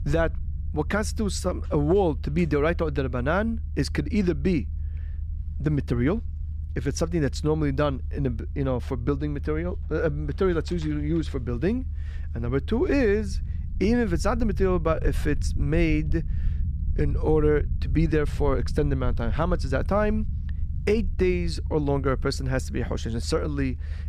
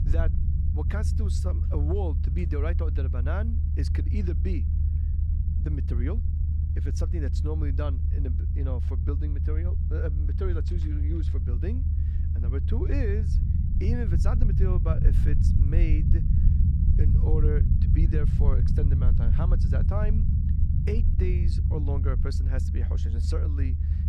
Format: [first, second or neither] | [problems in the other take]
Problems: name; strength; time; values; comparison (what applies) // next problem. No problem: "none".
first | low rumble; loud; throughout; 3 dB below the speech; faint in the first